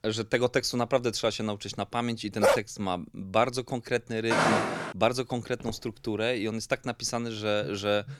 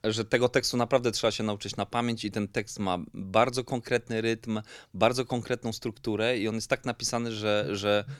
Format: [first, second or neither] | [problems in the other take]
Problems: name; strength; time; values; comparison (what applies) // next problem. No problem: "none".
second | dog barking; loud; at 2.5 s; peak 5 dB above the speech // footsteps; loud; at 4.5 s; peak 5 dB above the speech // footsteps; faint; at 5.5 s; peak 15 dB below the speech